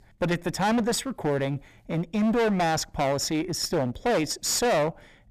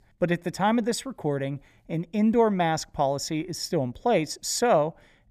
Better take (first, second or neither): second